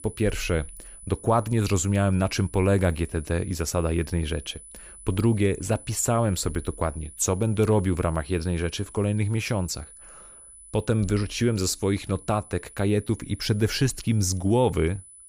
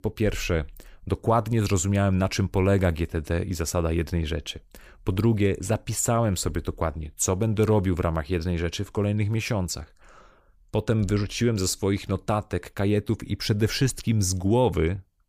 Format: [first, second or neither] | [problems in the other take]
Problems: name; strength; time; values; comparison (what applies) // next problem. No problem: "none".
second | high-pitched whine; noticeable; throughout; 10 kHz, 20 dB below the speech